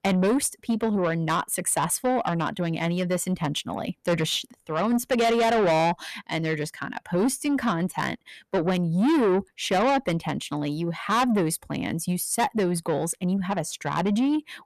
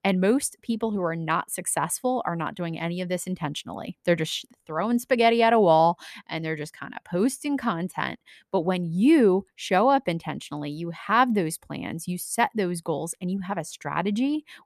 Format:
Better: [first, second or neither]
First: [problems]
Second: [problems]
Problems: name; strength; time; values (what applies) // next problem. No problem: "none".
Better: second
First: distortion; heavy; 7 dB below the speech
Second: none